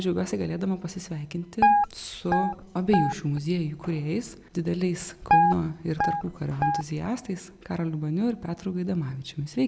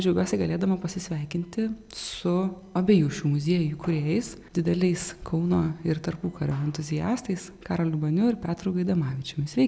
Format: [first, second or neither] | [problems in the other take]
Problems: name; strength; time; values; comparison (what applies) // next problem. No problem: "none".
second | background sound (Guitar); 3 dB above the speech